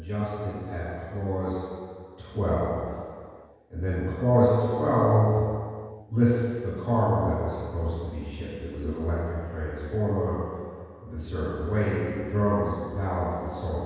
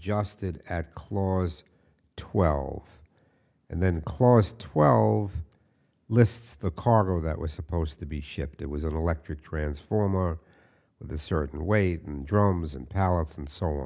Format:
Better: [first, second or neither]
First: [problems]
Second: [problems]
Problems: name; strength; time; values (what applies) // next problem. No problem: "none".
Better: second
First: room echo; dies away in 1.9 s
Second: none